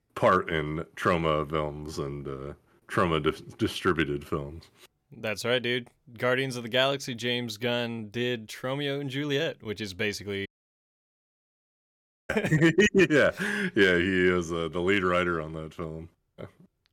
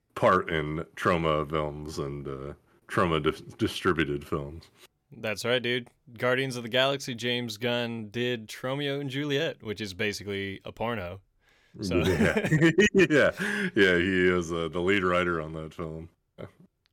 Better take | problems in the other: second | audio cutting out; at 10 s for 2 s

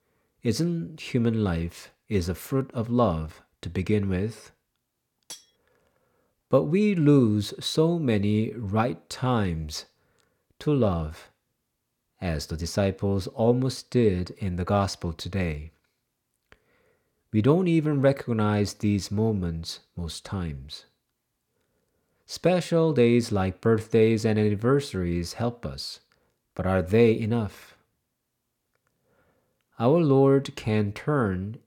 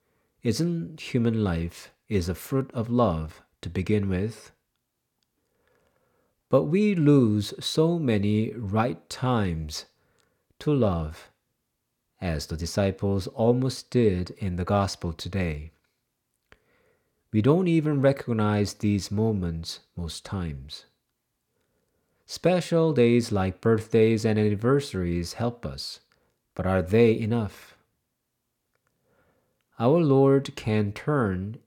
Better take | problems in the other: second | clattering dishes; faint; at 5.5 s; peak 20 dB below the speech

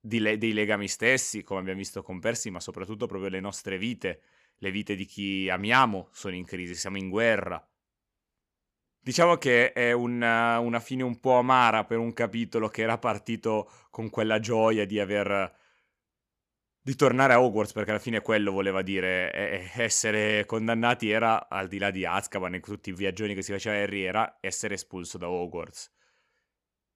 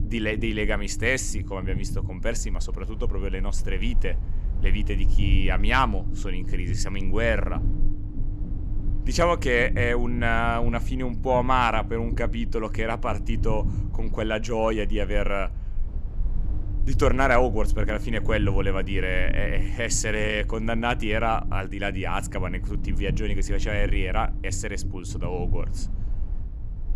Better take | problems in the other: first | low rumble; noticeable; throughout; 20 dB below the speech

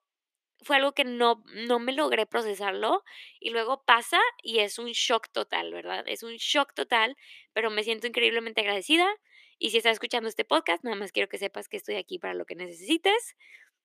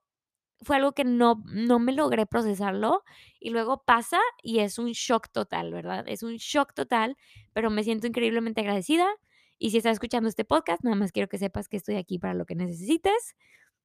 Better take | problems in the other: second | thin; somewhat; fading below 350 Hz

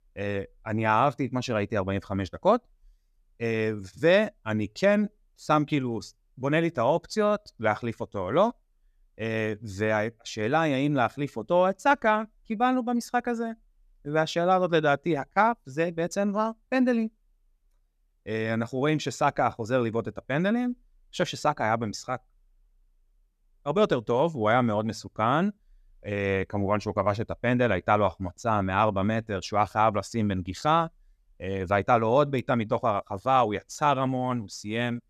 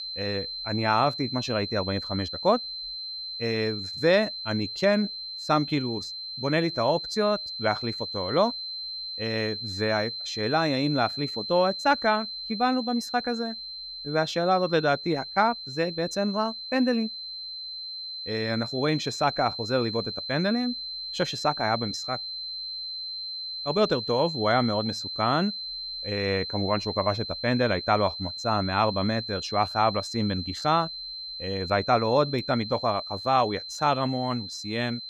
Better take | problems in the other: first | high-pitched whine; loud; throughout; 4 kHz, 6 dB below the speech

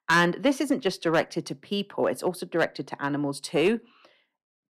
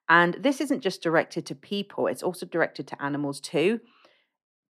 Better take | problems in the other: second | distortion; slight; 1.9% of the sound clipped

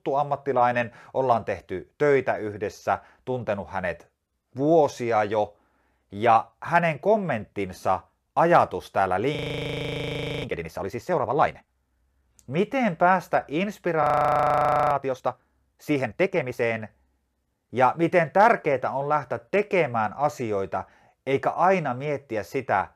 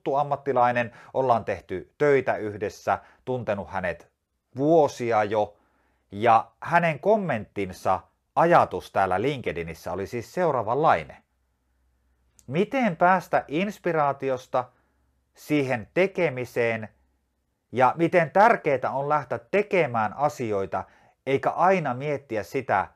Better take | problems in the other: second | audio freezing; at 9.5 s for 1 s and at 14 s for 1 s

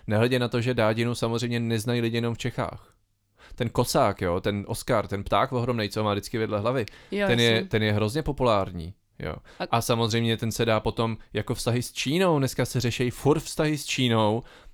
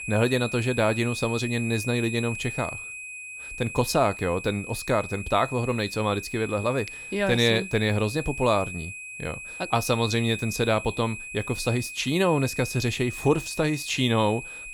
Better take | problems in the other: first | high-pitched whine; loud; throughout; 2.5 kHz, 9 dB below the speech

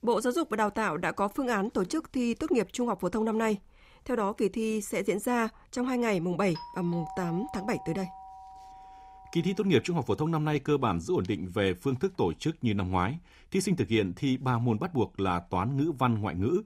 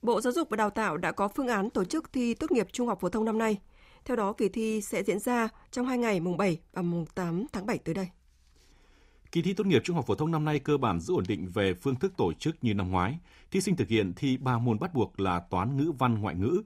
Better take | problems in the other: second | doorbell; faint; from 6.5 to 9.5 s; peak 10 dB below the speech

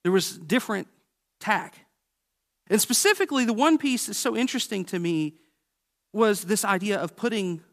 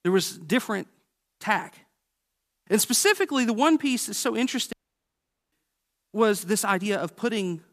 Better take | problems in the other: first | audio cutting out; at 4.5 s for 1 s

